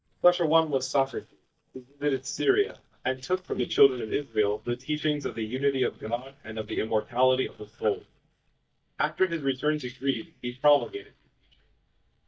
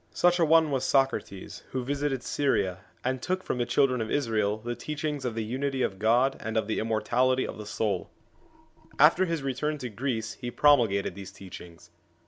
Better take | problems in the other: second | noise reduction (neural mask model DeepFilterNet 3)

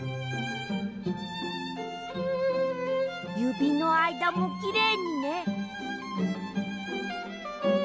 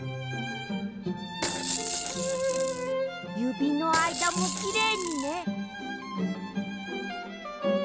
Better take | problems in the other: first | background sound (Rattle / Rattle (instrument)); 4 dB below the speech

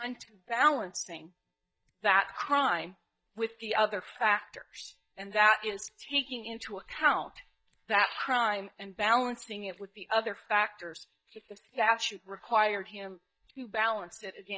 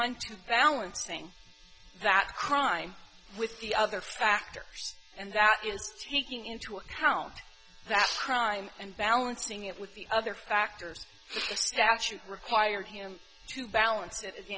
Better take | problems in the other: second | noise reduction (neural mask model DeepFilterNet 3)

